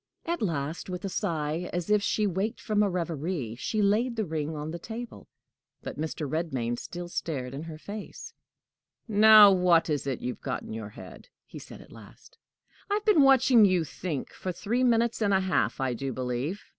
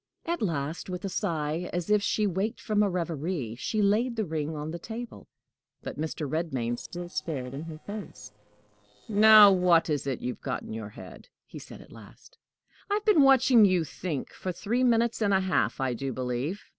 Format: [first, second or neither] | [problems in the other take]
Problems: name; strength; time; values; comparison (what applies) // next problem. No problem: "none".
first | noise reduction (neural separator model SepFormer DNS4)